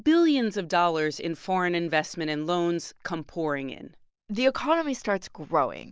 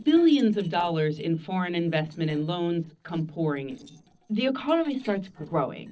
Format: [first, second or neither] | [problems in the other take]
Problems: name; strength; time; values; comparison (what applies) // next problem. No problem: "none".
first | noise reduction (neural separator model SepFormer DNS4)